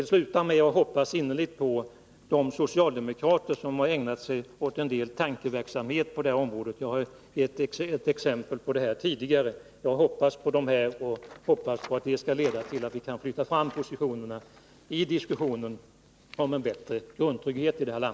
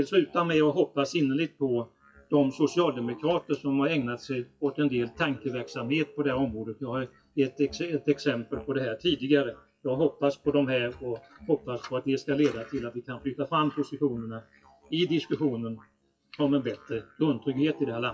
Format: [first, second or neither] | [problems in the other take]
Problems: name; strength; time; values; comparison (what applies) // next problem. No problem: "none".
first | noise reduction (classical method WPE with log-MMSE)